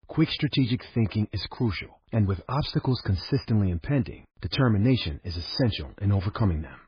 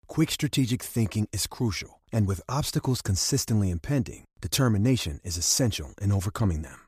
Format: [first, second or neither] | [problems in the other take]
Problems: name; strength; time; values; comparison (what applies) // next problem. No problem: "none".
second | garbled, watery; badly; nothing above 5 kHz